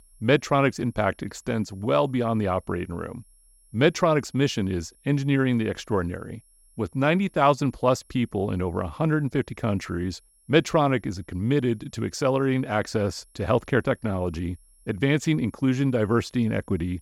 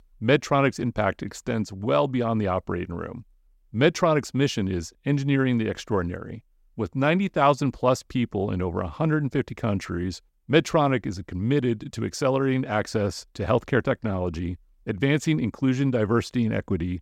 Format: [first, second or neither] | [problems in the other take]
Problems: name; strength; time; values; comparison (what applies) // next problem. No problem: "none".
second | high-pitched whine; faint; throughout; 10.5 kHz, 35 dB below the speech